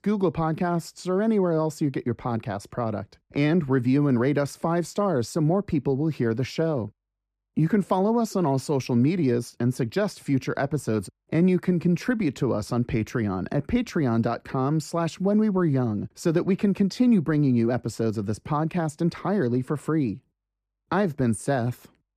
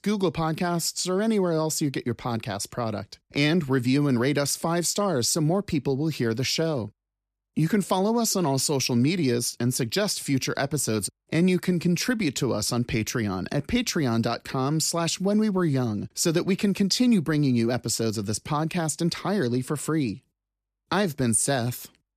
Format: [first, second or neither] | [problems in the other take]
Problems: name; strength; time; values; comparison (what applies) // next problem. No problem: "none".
second | muffled; slightly; fading above 2.5 kHz